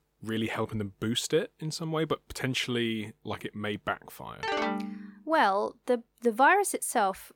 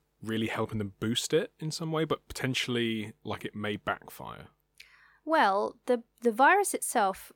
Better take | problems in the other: second | phone ringing; noticeable; at 4.5 s; peak 1 dB below the speech

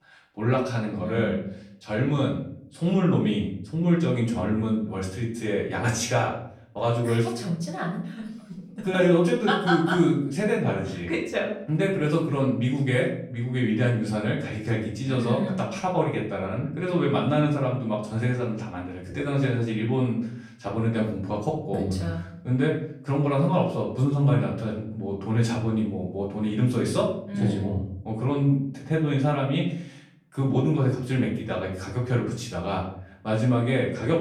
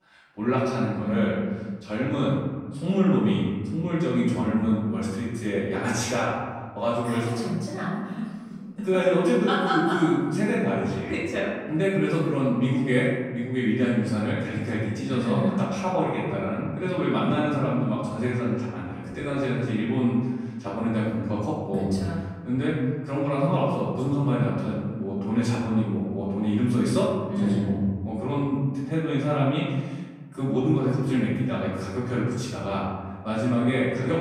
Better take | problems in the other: first | room echo; strong; dies away in 1.4 s; slight in the first // off-mic speech; far; far in the first

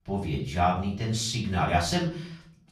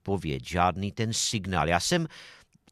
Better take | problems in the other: second | room echo; slight; dies away in 0.5 s // off-mic speech; far

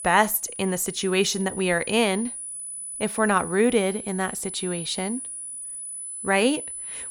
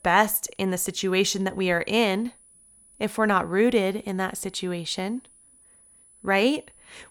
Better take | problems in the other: second | high-pitched whine; loud; throughout; 10 kHz, 9 dB below the speech; faint in the second

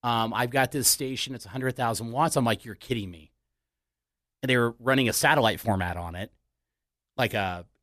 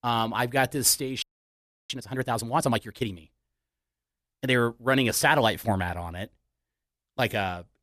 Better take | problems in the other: first | audio freezing; at 1 s for 0.5 s

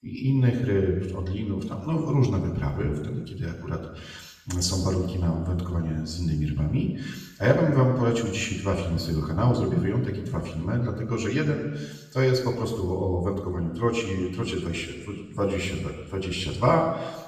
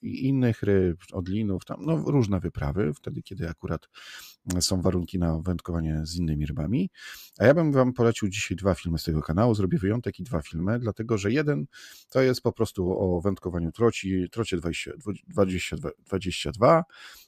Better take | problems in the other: second | room echo; noticeable; dies away in 1.1 s // off-mic speech; far

